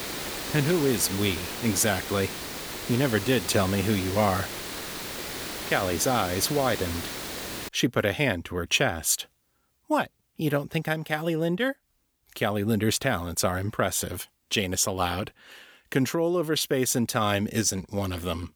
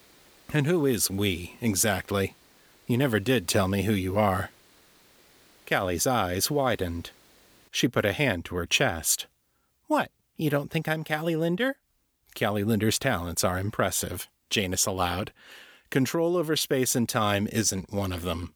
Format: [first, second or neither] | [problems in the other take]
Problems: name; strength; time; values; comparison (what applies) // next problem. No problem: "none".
second | hiss; loud; until 7.5 s; 7 dB below the speech; faint in the second